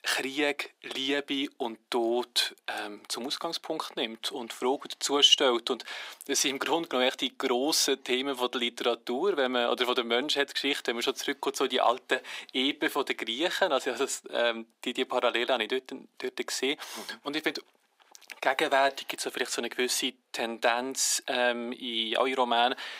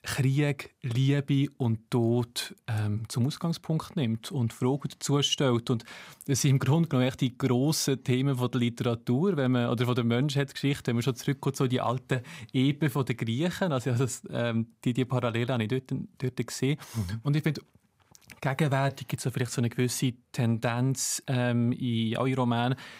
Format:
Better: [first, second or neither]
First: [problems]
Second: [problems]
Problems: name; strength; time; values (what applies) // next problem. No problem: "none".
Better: second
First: thin; very; fading below 300 Hz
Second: none